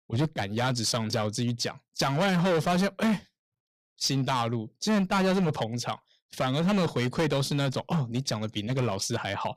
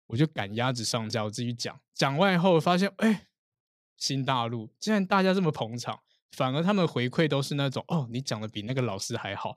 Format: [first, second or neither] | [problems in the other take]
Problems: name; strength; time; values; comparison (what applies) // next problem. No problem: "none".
second | distortion; heavy; 12% of the sound clipped